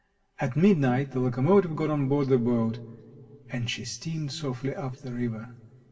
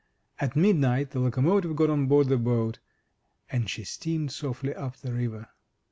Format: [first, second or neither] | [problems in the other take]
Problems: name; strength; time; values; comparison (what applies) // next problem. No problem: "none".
second | room echo; dies away in 2.7 s